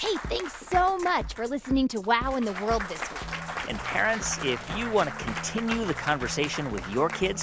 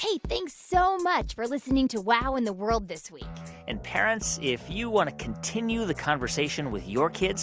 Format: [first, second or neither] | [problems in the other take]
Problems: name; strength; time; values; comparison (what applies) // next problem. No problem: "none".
second | background sound (Applause / Cheering / Clapping); 10 dB below the speech